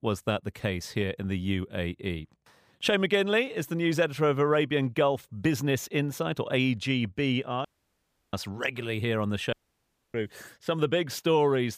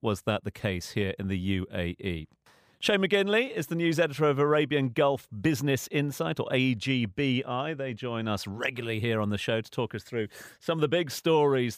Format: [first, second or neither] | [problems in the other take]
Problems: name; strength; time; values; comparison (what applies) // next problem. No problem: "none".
second | audio cutting out; at 7.5 s for 0.5 s and at 9.5 s for 0.5 s